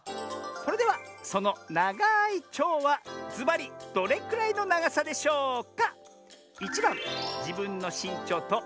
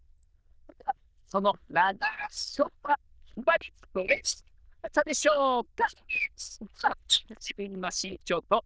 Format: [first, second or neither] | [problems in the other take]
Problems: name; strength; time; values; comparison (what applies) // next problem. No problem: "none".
first | noise reduction (neural diffusion model UNIVERSE++)